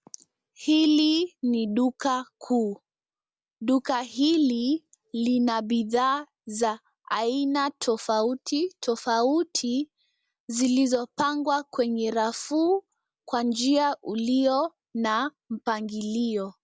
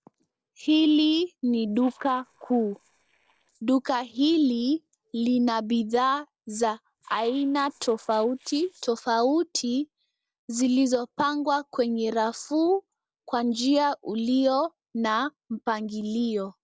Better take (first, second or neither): first